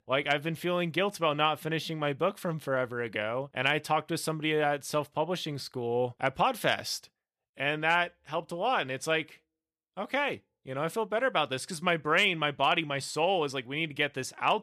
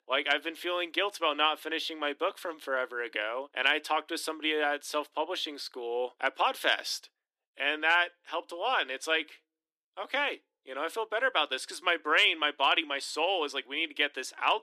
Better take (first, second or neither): first